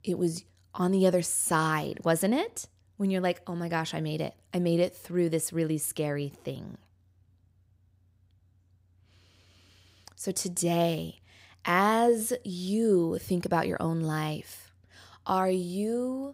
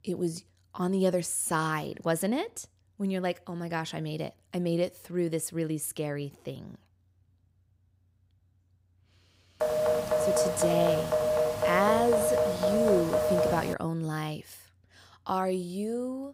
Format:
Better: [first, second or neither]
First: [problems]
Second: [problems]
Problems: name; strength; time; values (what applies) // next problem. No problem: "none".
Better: first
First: none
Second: phone ringing; loud; from 9.5 to 14 s; peak 5 dB above the speech